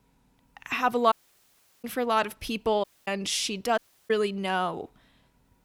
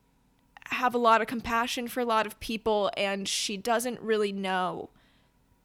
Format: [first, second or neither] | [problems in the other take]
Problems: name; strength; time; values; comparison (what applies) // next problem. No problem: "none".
second | audio cutting out; at 1 s for 0.5 s, at 3 s and at 4 s